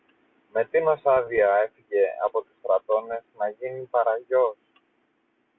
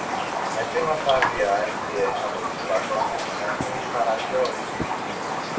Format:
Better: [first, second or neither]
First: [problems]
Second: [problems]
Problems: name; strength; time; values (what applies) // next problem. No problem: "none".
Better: first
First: none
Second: background sound (Raindrop); as loud as the speech // room echo; dies away in 0.2 s